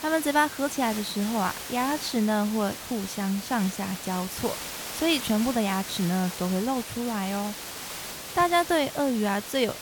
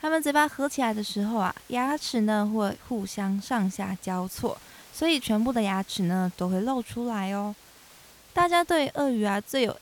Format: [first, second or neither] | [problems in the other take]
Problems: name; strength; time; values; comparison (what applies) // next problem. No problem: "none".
second | hiss; loud; throughout; 8 dB below the speech; faint in the second